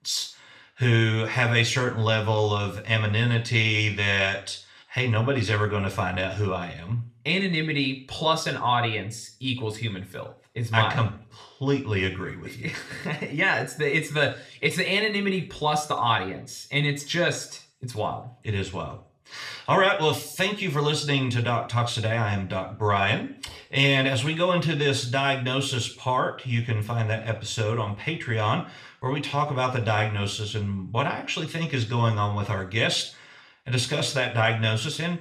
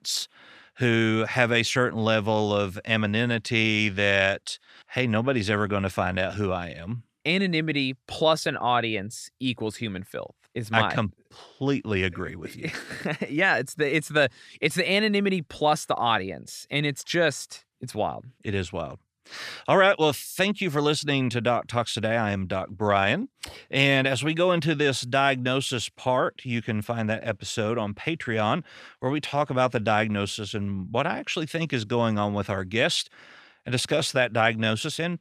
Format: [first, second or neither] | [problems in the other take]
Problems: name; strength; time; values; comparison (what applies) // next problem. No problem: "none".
second | room echo; very slight; dies away in 0.4 s // off-mic speech; somewhat distant